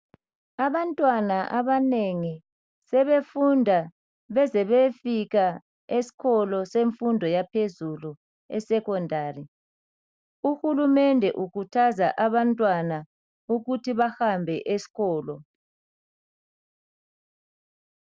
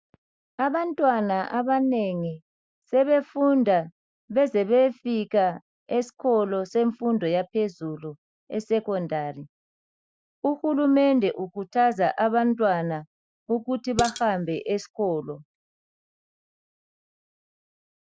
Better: first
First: none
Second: noise reduction (classical method Wiener filter)

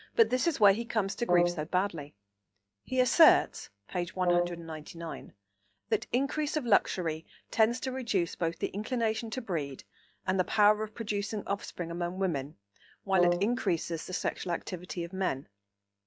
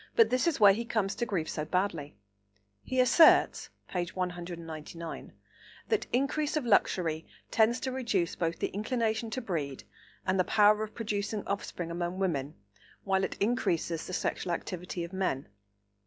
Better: second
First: noise reduction (neural mask model RNNoise)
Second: none

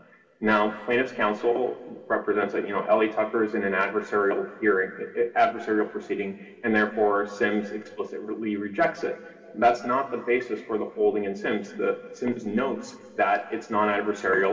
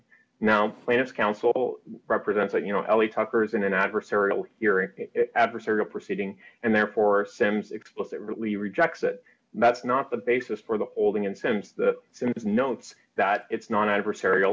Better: second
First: room echo; dies away in 2.1 s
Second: none

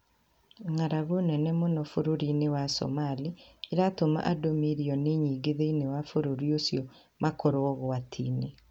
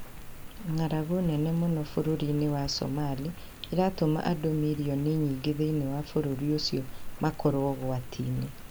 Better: first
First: none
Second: background sound (Rain); 11 dB below the speech

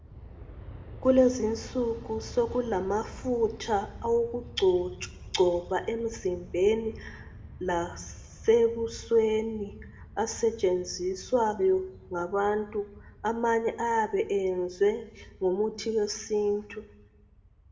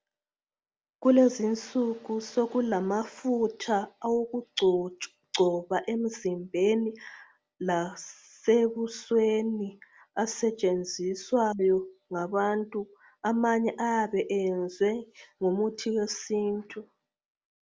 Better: second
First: background sound (Aircraft); 17 dB below the speech // room echo; dies away in 0.9 s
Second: none

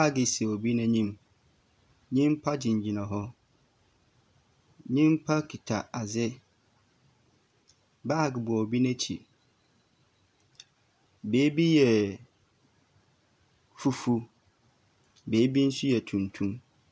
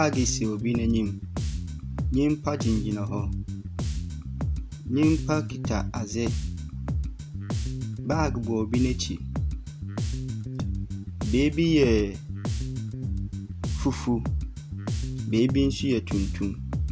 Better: first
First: none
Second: background sound (Bass guitar); 2 dB below the speech

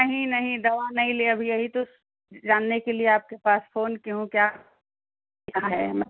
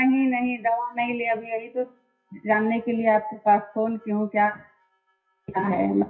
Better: first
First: none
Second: noise reduction (classical method WPE with log-MMSE)

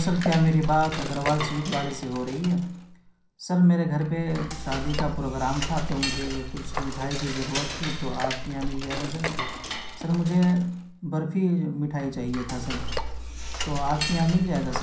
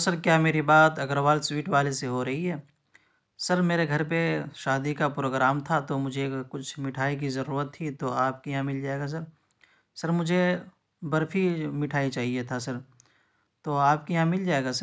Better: second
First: background sound (Cutlery, silverware / Dishes, pots, and pans); 6 dB below the speech // room echo; dies away in 0.6 s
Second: none

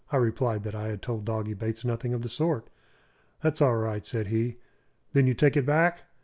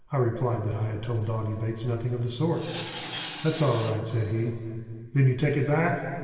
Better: first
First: none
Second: background sound (Tools); 13 dB below the speech // room echo; dies away in 2.6 s

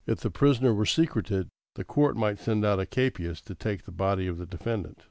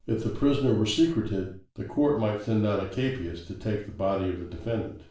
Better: first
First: none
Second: room echo; dies away in 0.4 s

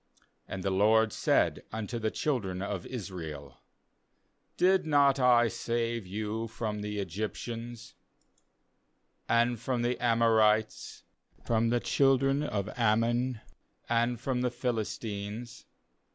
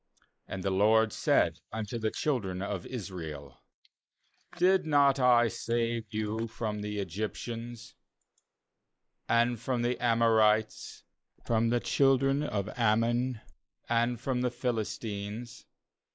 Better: first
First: none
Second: noise reduction (neural mask model Resemble Enhance denoiser)

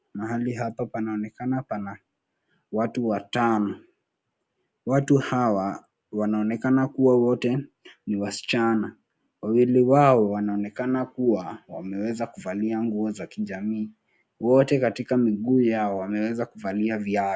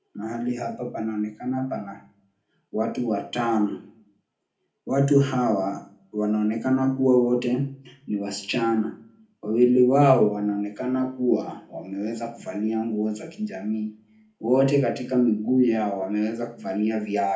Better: first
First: none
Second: room echo; dies away in 0.3 s

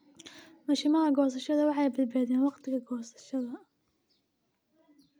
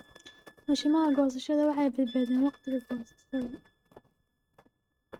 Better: first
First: none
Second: noise reduction (neural mask model RNNoise)

